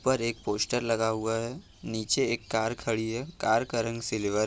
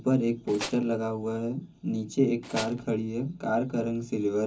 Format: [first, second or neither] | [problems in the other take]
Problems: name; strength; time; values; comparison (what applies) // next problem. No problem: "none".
first | background sound (Tools); 10 dB below the speech // room echo; dies away in 0.3 s